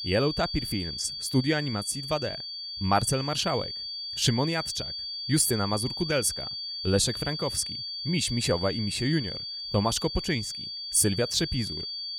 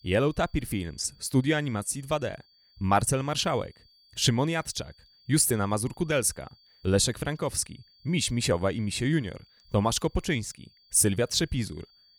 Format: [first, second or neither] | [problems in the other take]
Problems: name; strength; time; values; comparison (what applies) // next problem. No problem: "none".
second | high-pitched whine; loud; throughout; 4.5 kHz, 5 dB below the speech; faint in the second